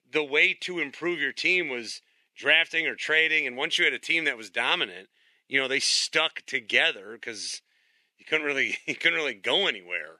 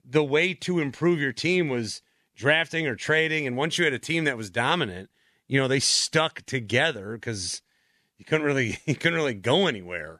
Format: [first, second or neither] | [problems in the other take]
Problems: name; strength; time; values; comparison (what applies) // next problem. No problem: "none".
second | thin; somewhat; fading below 350 Hz